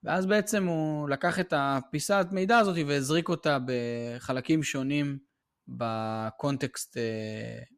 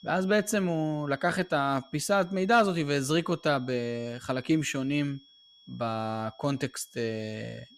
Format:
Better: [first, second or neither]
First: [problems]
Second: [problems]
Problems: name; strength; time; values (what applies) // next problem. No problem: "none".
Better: first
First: none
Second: high-pitched whine; faint; throughout; 3.5 kHz, 25 dB below the speech